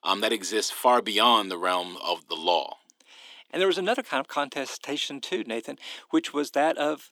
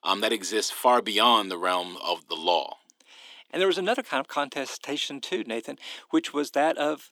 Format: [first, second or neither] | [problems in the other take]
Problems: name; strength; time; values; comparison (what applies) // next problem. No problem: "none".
neither | thin; somewhat; fading below 300 Hz; the same in both